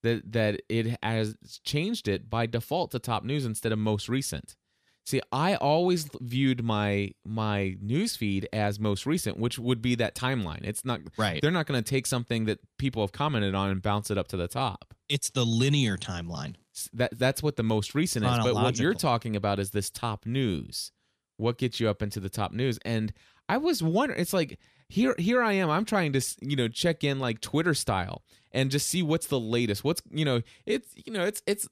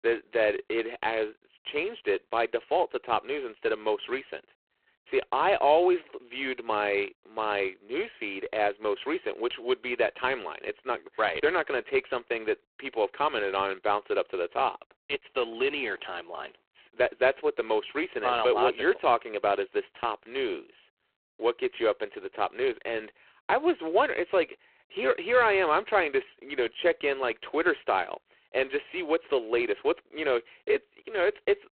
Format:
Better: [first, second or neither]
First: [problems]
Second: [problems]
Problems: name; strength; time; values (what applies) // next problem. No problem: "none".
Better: first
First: none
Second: phone-call audio; poor line